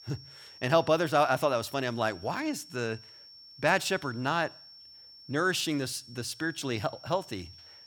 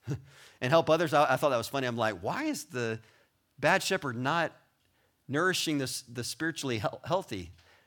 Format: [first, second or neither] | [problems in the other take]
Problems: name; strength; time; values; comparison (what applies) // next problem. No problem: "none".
second | high-pitched whine; noticeable; throughout; 5.5 kHz, 20 dB below the speech